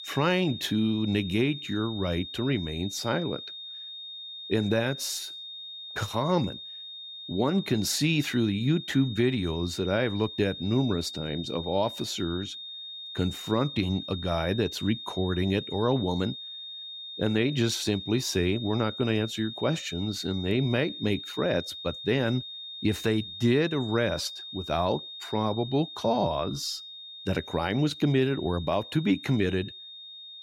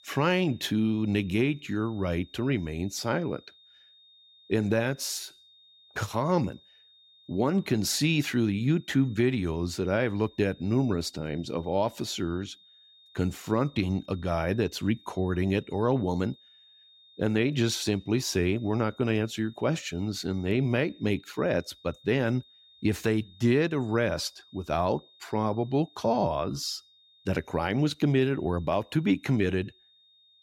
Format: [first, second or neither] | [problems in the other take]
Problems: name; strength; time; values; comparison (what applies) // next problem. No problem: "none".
second | high-pitched whine; loud; throughout; 3.5 kHz, 10 dB below the speech; faint in the second